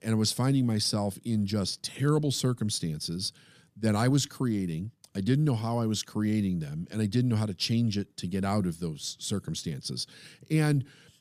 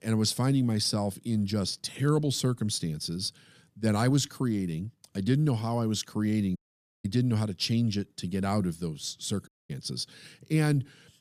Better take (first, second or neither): first